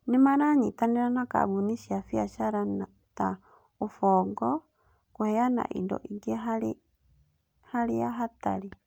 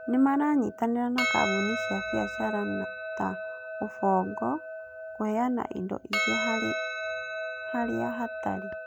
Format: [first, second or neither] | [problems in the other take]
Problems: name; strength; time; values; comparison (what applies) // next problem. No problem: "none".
first | background sound (Percussion); 4 dB below the speech